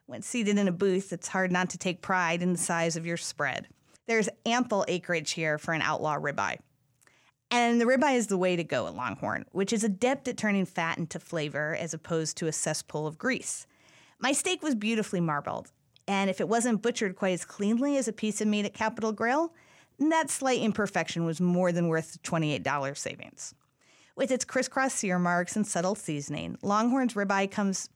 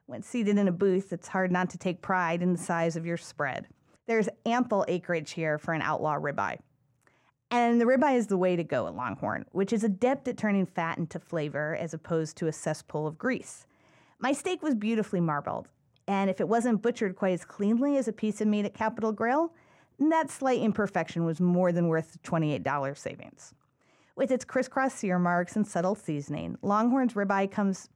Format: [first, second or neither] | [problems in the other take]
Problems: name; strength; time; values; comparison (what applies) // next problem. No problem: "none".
first | muffled; slightly; fading above 2 kHz